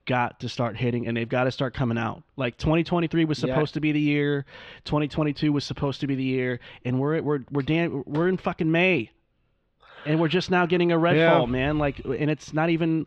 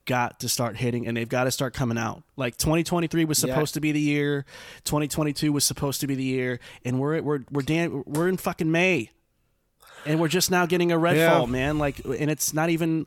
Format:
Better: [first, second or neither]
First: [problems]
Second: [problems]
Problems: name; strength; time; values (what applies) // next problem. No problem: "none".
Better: second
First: muffled; slightly; fading above 3.5 kHz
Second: none